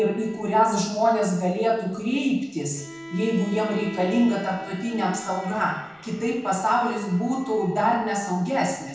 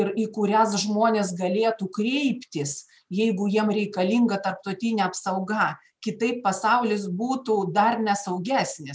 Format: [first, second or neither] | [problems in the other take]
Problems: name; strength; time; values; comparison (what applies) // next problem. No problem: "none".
second | background sound (Bowed string instrument); 19 dB below the speech // room echo; dies away in 0.9 s